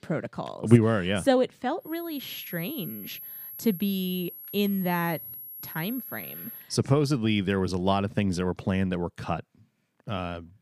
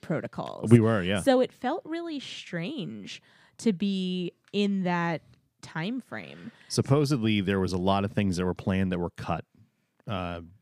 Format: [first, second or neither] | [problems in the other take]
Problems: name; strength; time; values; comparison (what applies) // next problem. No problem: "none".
second | high-pitched whine; noticeable; from 2 to 6.5 s; 11.5 kHz, 10 dB below the speech